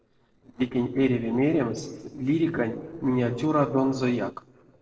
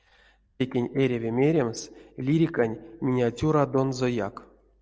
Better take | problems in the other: second | noise reduction (neural separator model SepFormer DNS4)

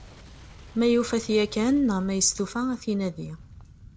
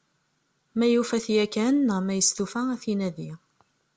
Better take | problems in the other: second | background sound (Boom); 20 dB below the speech

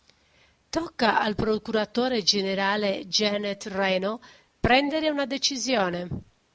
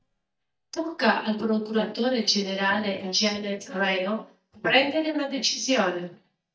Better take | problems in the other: first | noise reduction (neural mask model DeepFilterNet 3)

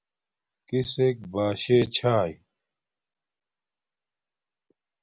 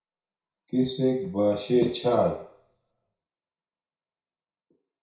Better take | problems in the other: first | room echo; dies away in 0.6 s

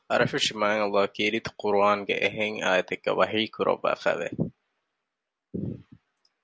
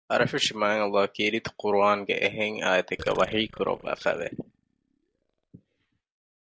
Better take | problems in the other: first | noise reduction (neural mask model DeepFilterNet 3)

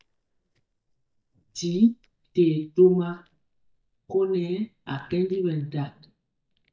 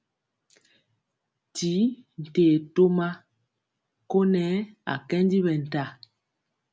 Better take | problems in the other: second | noise reduction (neural mask model DeepFilterNet 3)

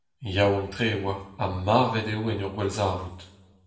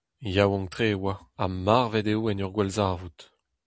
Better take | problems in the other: second | room echo; dies away in 0.7 s

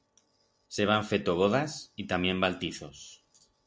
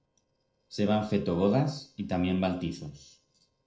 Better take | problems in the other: first | noise reduction (neural separator model SepFormer DNS4)

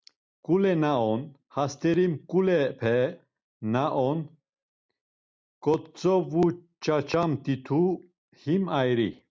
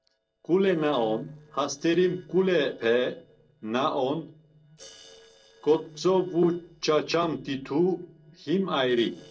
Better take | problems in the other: first | noise reduction (neural separator model SepFormer DNS4)

